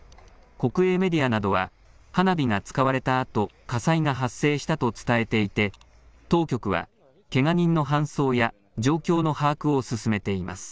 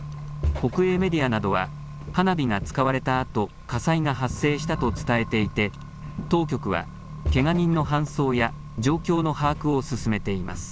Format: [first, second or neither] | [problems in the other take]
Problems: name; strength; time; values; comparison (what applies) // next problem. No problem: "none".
first | background sound (Accelerating, revving, vroom + Walk, footsteps); 8 dB below the speech